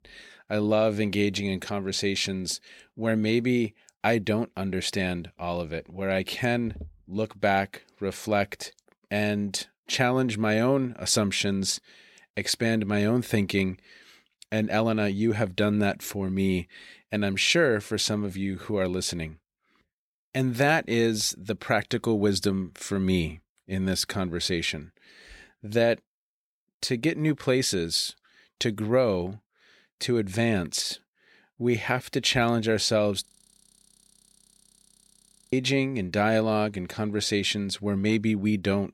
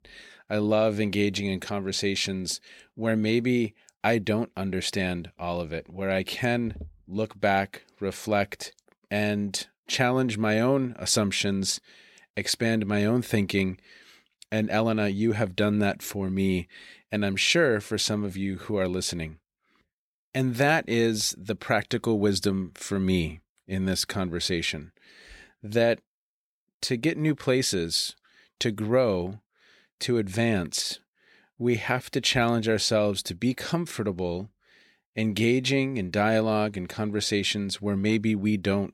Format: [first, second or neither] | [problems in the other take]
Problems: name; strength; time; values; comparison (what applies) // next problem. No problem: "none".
second | audio freezing; at 33 s for 2.5 s